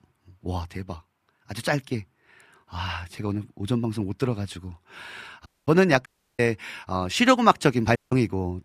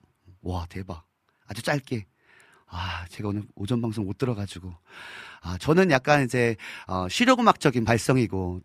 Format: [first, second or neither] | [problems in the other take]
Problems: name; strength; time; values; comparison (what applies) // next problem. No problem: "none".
second | audio cutting out; at 5.5 s, at 6 s and at 8 s